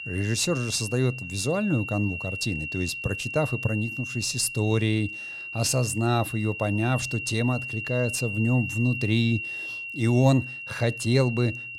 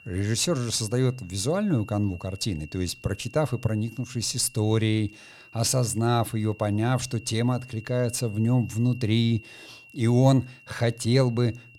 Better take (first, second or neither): second